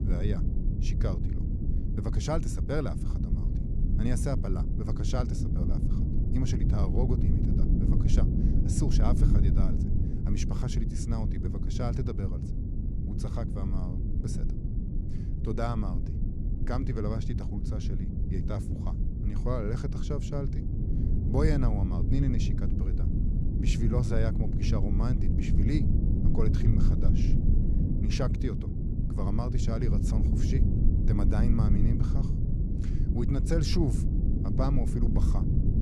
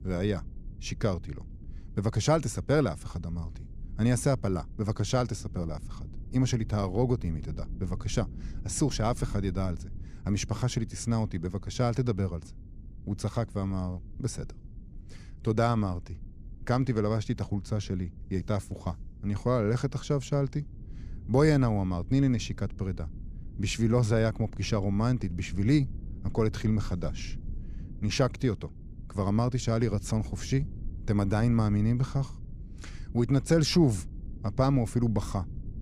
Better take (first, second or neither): second